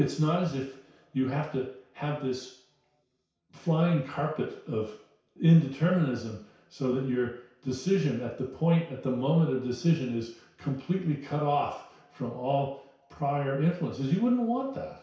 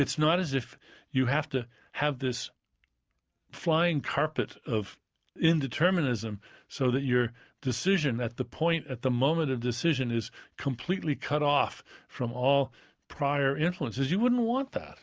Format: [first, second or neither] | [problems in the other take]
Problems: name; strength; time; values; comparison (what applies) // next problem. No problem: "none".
second | room echo; dies away in 0.6 s